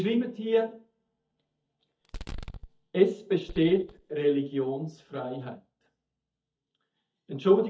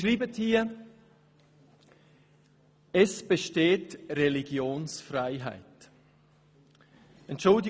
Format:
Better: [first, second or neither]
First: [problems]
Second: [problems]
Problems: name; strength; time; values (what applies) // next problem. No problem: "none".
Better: second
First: noise reduction (neural mask model DeepFilterNet 3)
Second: none